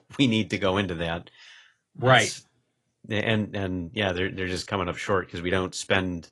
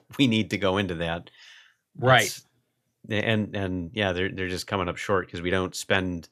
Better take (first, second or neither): second